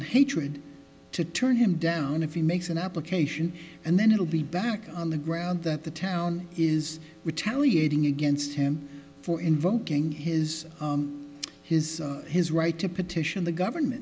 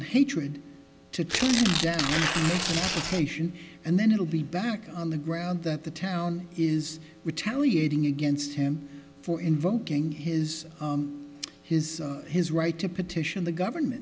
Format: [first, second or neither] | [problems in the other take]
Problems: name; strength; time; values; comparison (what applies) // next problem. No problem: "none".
first | background sound (Tearing); 2 dB below the speech